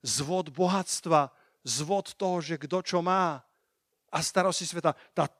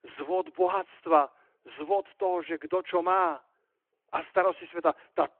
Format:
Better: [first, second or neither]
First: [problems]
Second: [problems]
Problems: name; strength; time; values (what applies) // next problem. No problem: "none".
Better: first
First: none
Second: phone-call audio